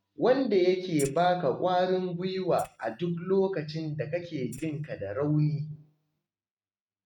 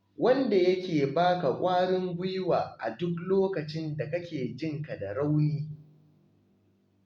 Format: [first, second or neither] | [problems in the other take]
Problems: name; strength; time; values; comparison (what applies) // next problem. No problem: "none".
second | noise reduction (neural mask model RNNoise)